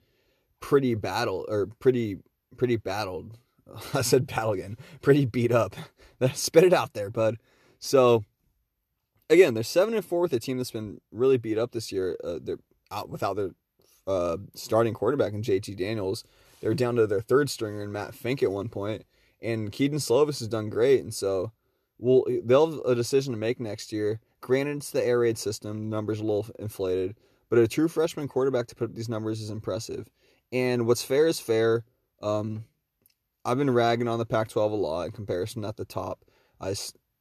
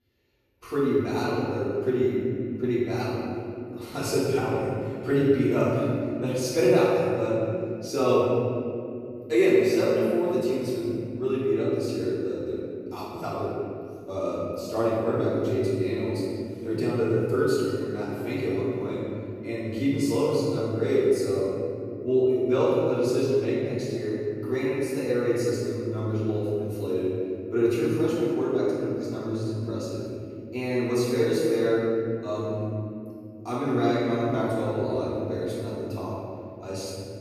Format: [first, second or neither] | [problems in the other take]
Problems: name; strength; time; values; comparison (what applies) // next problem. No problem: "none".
first | room echo; strong; dies away in 2.9 s // off-mic speech; far